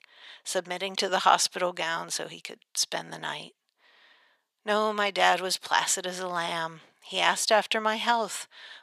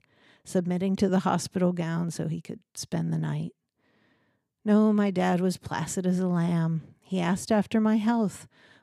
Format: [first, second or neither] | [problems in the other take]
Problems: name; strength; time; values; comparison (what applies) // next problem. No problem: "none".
second | thin; very; fading below 850 Hz